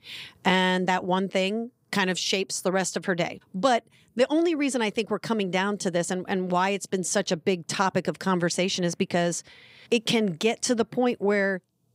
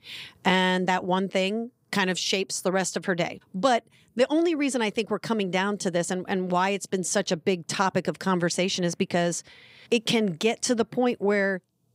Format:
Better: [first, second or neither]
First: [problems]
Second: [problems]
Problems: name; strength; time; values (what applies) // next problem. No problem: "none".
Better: neither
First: none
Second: none